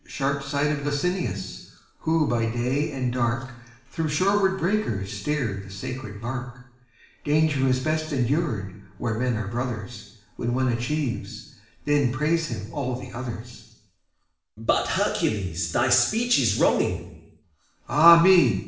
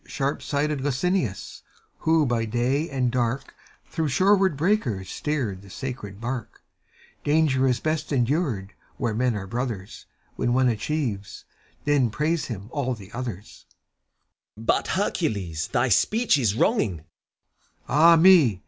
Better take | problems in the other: second | room echo; dies away in 0.7 s

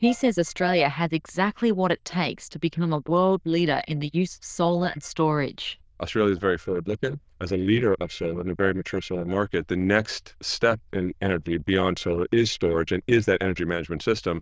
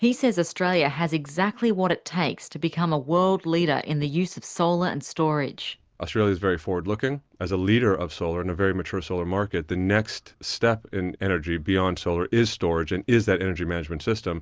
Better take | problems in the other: second | noise reduction (neural diffusion model UNIVERSE++)

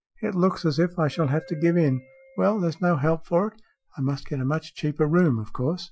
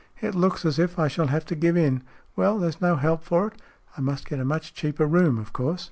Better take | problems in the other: second | noise reduction (classical method Wiener filter)

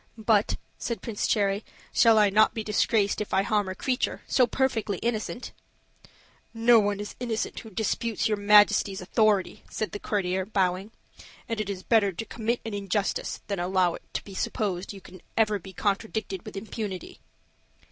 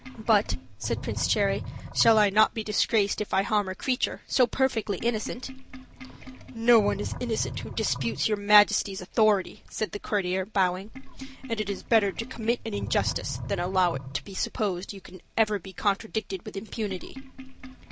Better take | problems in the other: first | background sound (Sink (filling or washing)); 12 dB below the speech

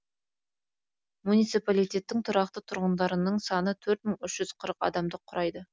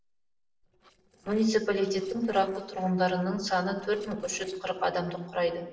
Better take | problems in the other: first | noise reduction (neural separator model SepFormer DNS4)

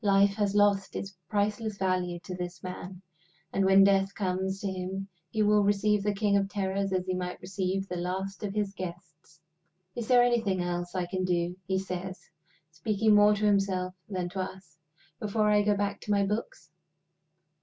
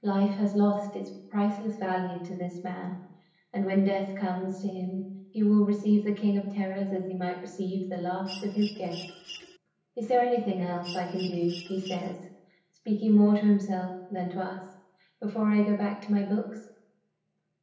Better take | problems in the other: first | background sound (Mechanisms); 15 dB below the speech // room echo; dies away in 0.8 s

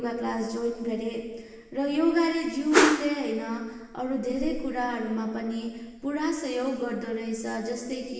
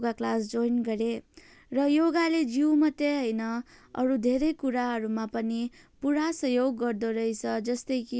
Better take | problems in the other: second | background sound (Whoosh, swoosh, swish); 3 dB above the speech // room echo; dies away in 1.4 s

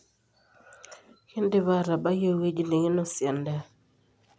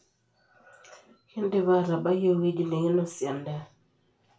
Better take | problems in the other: first | room echo; dies away in 0.3 s

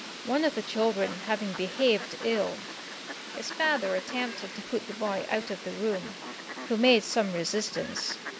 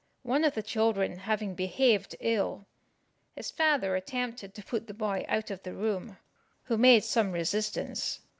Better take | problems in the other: second | background sound (Fowl); 10 dB below the speech

